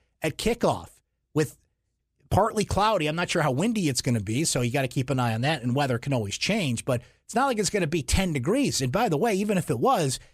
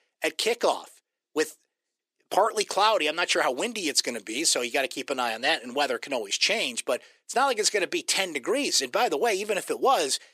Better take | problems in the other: first | thin; somewhat; fading below 350 Hz

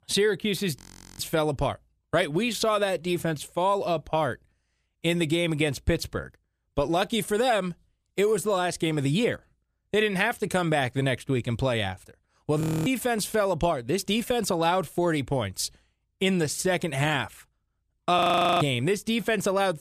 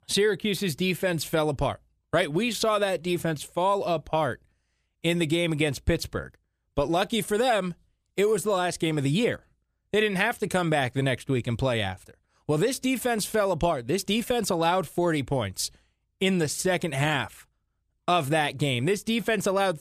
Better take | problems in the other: second | audio freezing; at 1 s, at 13 s and at 18 s

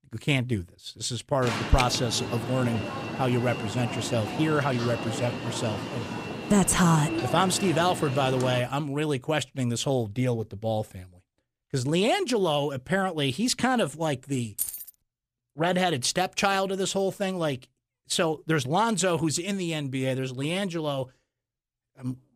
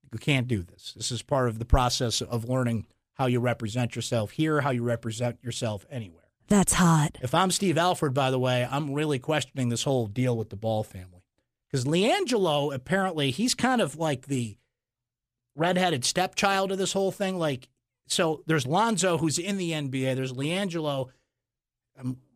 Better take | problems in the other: second | alarm; noticeable; from 1.5 to 8.5 s; peak 2 dB below the speech // jangling keys; noticeable; at 15 s; peak 4 dB below the speech

